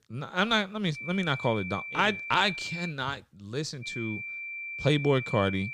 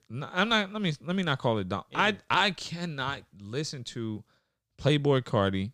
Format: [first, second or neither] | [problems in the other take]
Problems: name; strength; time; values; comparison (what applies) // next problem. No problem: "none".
second | high-pitched whine; loud; from 1 to 3 s and from 4 s on; 2.5 kHz, 8 dB below the speech